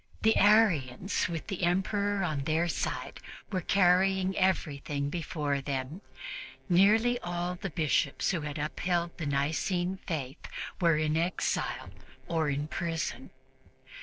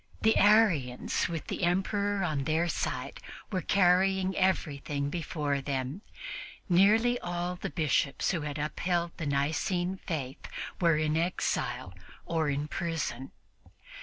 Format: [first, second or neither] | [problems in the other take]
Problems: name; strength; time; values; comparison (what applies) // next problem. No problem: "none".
second | noise reduction (neural separator model SepFormer DNS4)